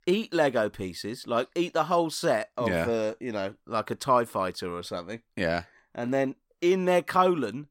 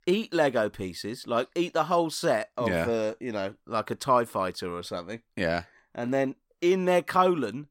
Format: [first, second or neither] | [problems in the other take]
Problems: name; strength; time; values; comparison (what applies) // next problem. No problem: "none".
neither | none